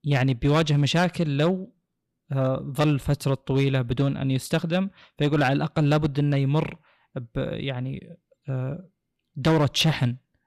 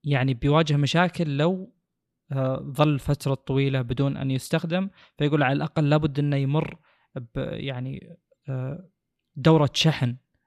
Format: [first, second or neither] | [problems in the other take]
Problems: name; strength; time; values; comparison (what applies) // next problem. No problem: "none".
second | distortion; slight; 4% of the sound clipped